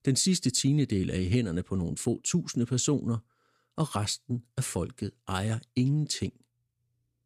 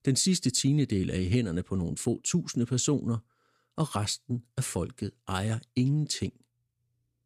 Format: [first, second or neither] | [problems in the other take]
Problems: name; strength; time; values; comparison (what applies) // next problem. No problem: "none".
neither | none